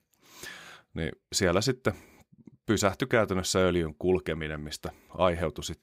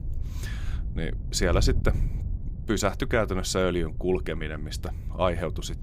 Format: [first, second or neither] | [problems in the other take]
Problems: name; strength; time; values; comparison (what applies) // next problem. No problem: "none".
first | wind noise on the microphone; occasional gusts; 20 dB below the speech